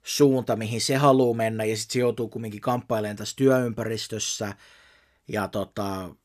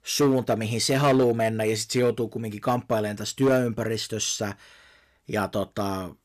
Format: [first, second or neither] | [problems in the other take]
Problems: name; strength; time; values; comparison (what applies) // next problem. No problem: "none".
first | distortion; slight; 5% of the sound clipped